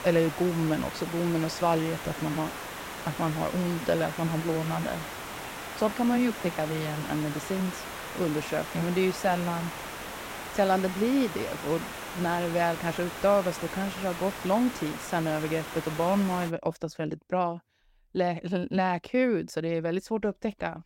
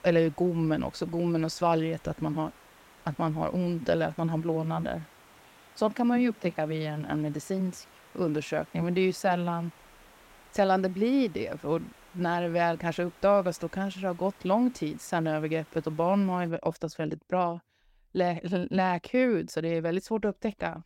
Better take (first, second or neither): second